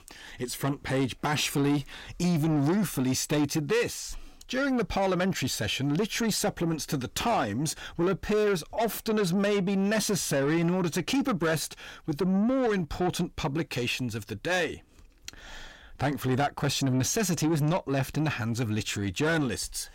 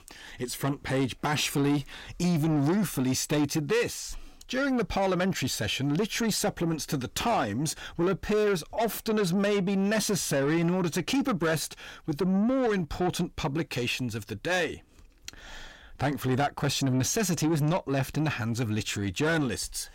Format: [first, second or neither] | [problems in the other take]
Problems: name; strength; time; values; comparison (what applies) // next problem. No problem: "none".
neither | distortion; slight; 10 dB below the speech; the same in both